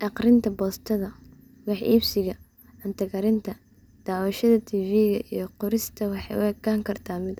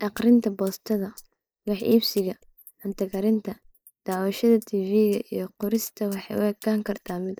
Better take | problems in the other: first | noise reduction (neural mask model Resemble Enhance denoiser)

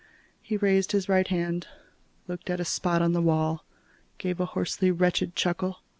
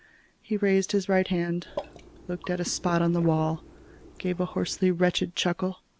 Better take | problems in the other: first | background sound (Water / Liquid); 16 dB below the speech

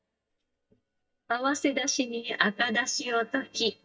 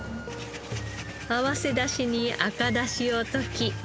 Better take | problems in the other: second | noise reduction (neural mask model DeepFilterNet 3)

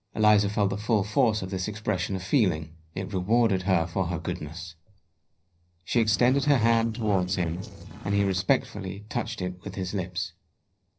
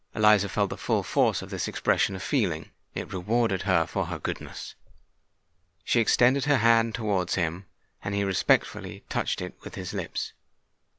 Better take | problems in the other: second | noise reduction (neural separator model SepFormer DNS4)

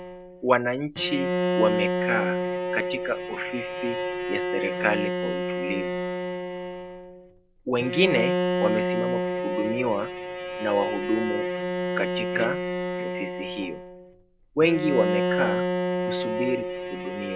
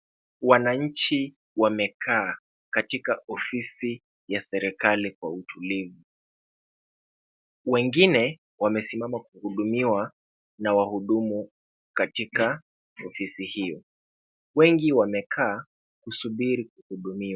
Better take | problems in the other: second | background sound (Bowed string instrument); 1 dB above the speech

